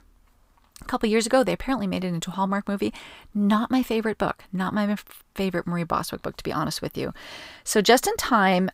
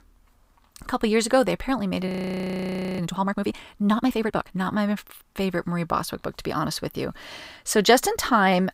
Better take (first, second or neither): first